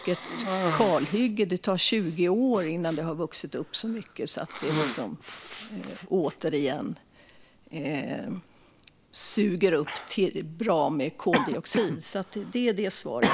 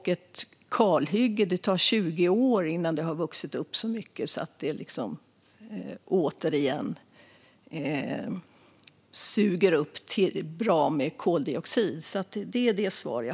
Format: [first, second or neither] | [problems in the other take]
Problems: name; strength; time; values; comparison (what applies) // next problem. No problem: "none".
second | background sound (Cough); 7 dB below the speech